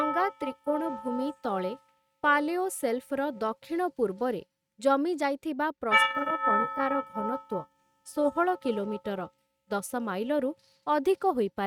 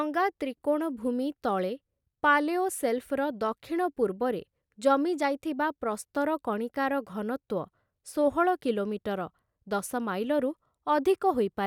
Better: second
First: noise reduction (neural mask model RNNoise)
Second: none

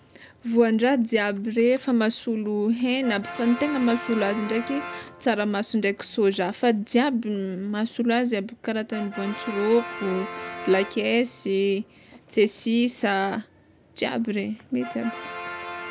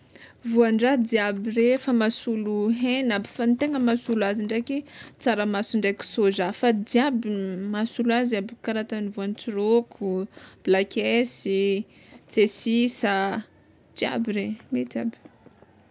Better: second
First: background sound (Brass instrument); 15 dB below the speech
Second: none

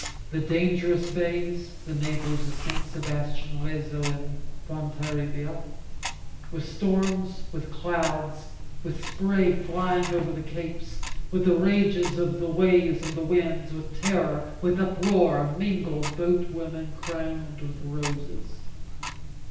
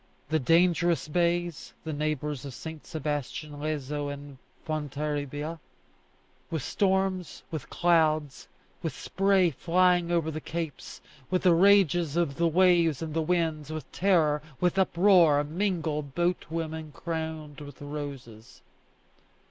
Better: second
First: background sound (Tick-tock); 4 dB below the speech // room echo; dies away in 0.9 s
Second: none

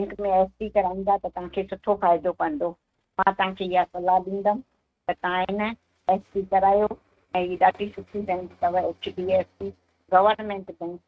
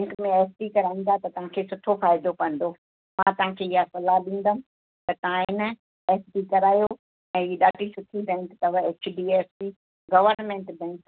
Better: second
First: noise reduction (neural mask model RNNoise)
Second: none

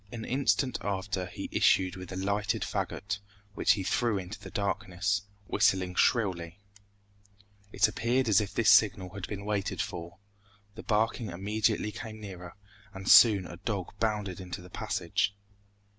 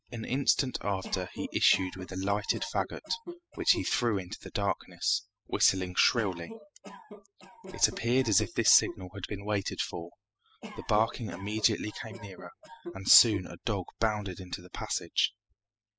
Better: first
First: none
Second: noise reduction (classical method spectral subtraction)

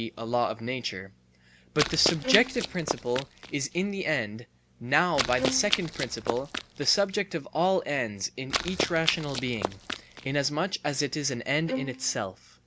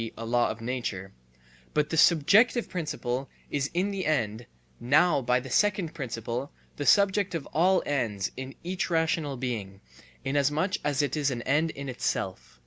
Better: second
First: background sound (Run + Bowed string instrument); 4 dB below the speech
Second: none

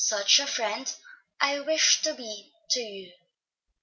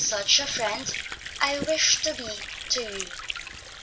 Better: first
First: none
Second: background sound (Sink (filling or washing) / Water); 9 dB below the speech

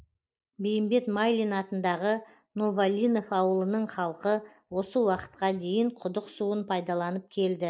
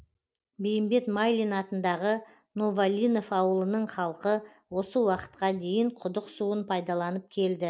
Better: second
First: noise reduction (neural mask model Resemble Enhance denoiser)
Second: none

